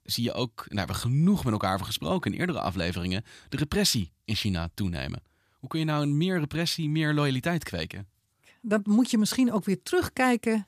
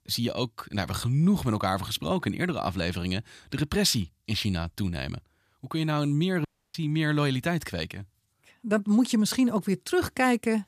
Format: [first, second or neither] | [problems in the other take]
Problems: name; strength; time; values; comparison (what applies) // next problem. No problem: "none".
first | audio cutting out; at 6.5 s